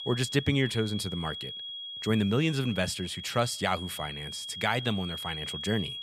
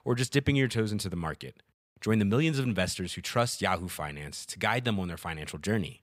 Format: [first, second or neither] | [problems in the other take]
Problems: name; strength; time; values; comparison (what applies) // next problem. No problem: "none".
second | high-pitched whine; loud; throughout; 3.5 kHz, 7 dB below the speech